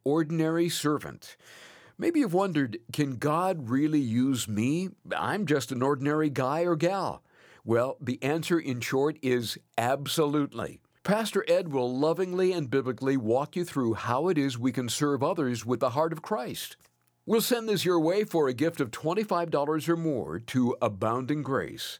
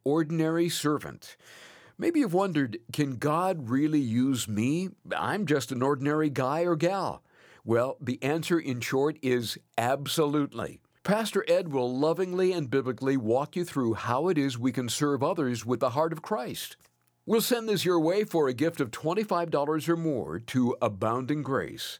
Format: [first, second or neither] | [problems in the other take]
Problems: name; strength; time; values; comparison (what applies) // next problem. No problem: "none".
neither | none